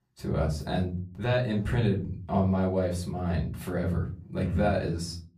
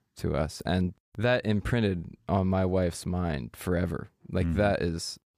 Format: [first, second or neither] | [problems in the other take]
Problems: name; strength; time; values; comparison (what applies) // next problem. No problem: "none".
second | off-mic speech; far // room echo; very slight; dies away in 0.4 s